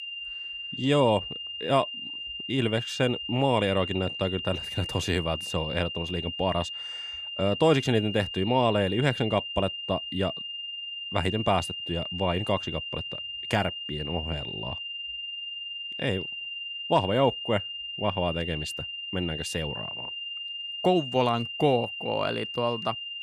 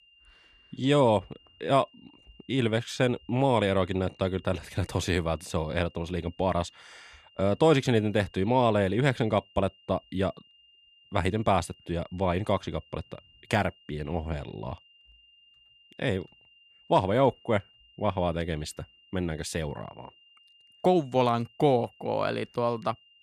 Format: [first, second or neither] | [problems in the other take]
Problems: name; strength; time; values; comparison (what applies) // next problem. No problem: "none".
second | high-pitched whine; loud; throughout; 3 kHz, 6 dB below the speech; faint in the second